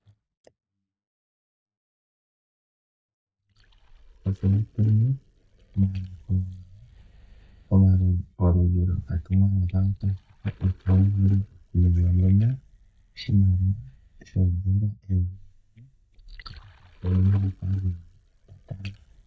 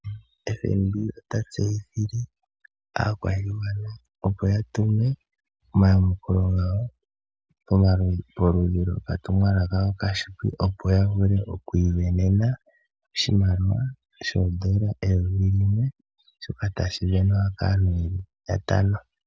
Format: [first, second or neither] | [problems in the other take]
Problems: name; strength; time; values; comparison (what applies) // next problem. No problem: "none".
second | noise reduction (neural mask model DeepFilterNet 3)